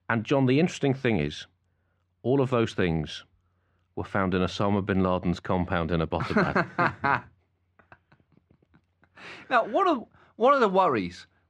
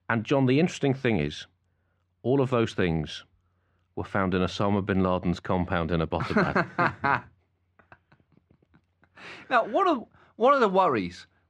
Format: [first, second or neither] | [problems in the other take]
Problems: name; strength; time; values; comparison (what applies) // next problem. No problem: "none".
neither | muffled; slightly; fading above 3 kHz; the same in both